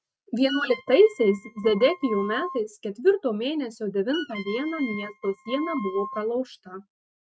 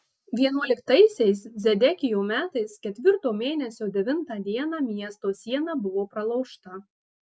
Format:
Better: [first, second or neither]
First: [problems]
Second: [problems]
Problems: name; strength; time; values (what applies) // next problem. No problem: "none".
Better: second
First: noise reduction (neural mask model RNNoise)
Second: none